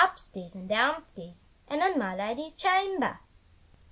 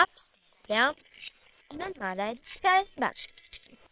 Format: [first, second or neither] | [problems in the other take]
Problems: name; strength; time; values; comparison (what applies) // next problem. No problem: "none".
first | noise reduction (neural separator model SepFormer WHAM!)